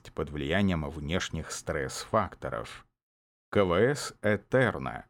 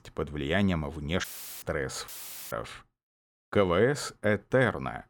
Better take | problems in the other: first | audio cutting out; filled with static; at 1 s and at 2 s

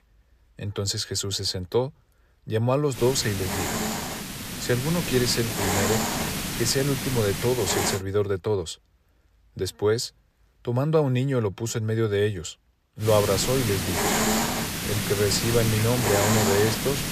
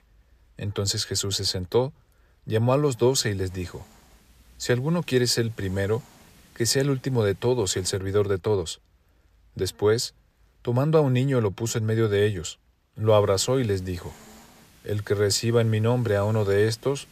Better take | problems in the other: second | hiss; loud; from 3 to 8 s and from 13 s on; 1 dB below the speech; faint in the second

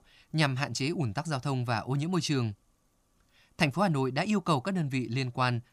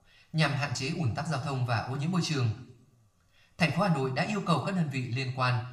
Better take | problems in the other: first | room echo; slight; dies away in 0.5 s // off-mic speech; somewhat distant

